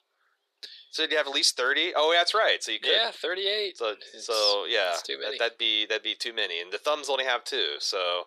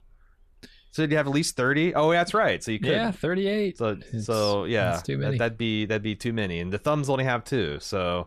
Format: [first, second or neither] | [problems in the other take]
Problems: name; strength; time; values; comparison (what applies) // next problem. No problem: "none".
second | thin; very; fading below 400 Hz